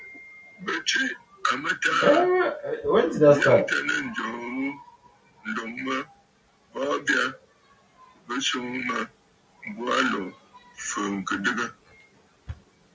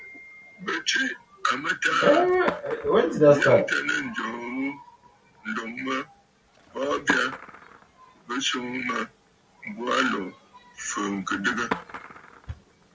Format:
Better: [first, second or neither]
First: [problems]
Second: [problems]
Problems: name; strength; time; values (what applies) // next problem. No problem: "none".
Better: first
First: none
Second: background sound (Skateboard); 16 dB below the speech